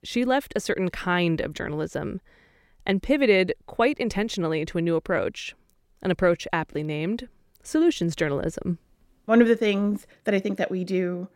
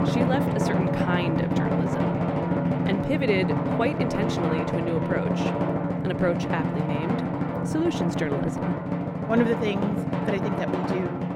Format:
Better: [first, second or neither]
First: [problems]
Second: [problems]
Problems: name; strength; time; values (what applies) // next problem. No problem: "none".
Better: first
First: none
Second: background music; very loud; throughout; 3 dB above the speech